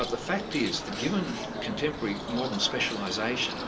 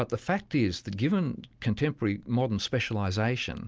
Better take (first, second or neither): second